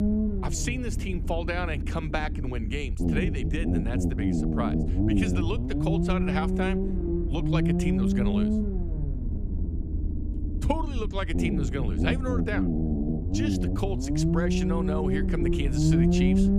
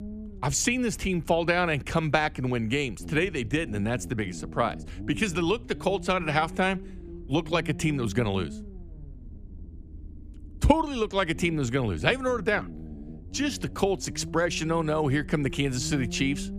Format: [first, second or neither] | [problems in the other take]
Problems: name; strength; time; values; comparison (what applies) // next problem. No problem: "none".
second | low rumble; loud; throughout; as loud as the speech; faint in the second